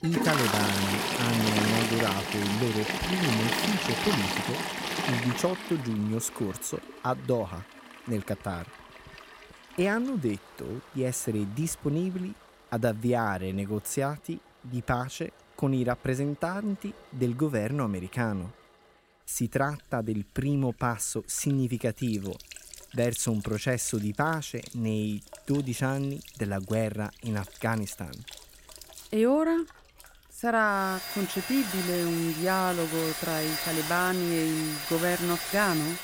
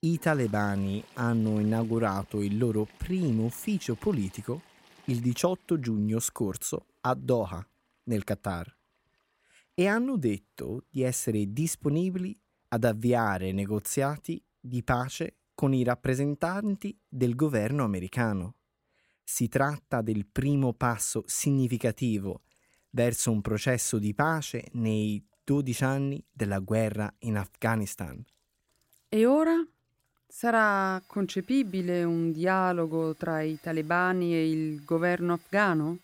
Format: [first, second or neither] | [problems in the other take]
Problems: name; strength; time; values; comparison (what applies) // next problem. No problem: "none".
second | household noises; loud; throughout; 1 dB below the speech; faint in the second